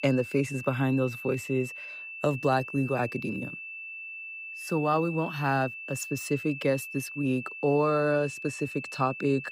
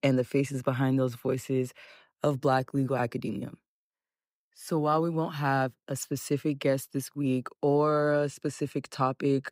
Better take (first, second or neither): second